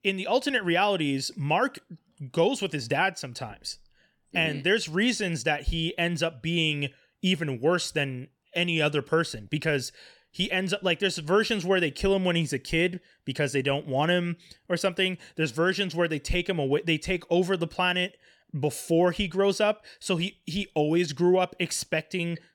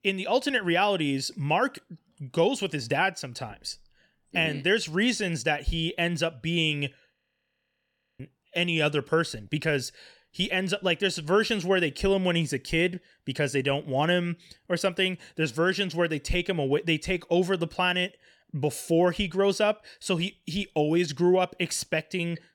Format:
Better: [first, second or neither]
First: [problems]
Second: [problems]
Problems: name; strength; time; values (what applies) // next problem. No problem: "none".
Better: first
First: none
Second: audio freezing; at 7 s for 1 s